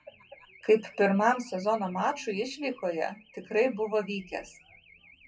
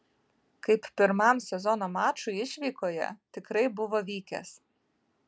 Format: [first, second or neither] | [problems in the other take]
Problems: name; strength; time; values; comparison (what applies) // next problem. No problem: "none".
second | noise reduction (classical method WPE with log-MMSE)